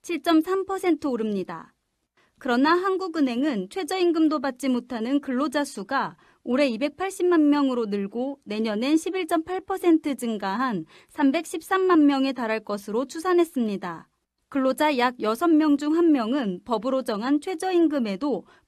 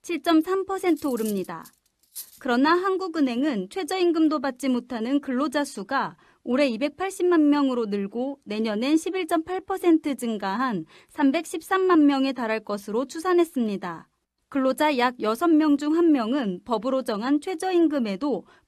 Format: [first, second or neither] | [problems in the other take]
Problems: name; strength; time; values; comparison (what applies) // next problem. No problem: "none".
first | clattering dishes; faint; from 1 to 2.5 s; peak 15 dB below the speech